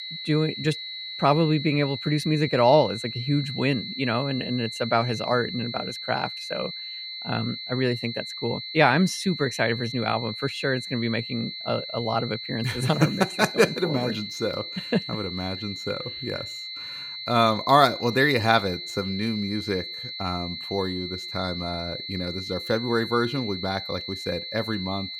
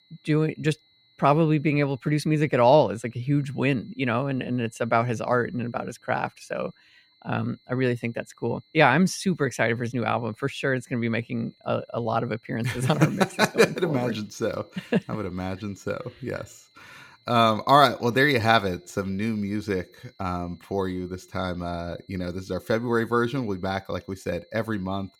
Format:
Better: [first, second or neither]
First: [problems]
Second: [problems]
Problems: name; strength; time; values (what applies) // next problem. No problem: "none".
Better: second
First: high-pitched whine; loud; throughout; 4 kHz, 7 dB below the speech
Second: high-pitched whine; faint; throughout; 4 kHz, 35 dB below the speech